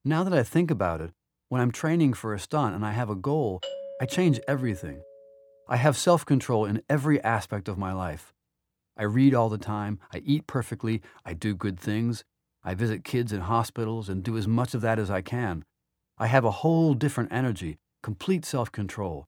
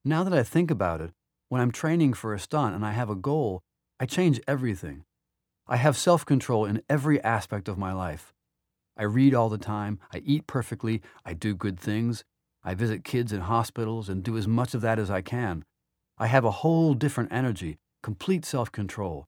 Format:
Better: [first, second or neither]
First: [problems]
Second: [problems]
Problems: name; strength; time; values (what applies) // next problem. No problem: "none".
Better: second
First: doorbell; noticeable; from 3.5 to 5 s; peak 9 dB below the speech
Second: none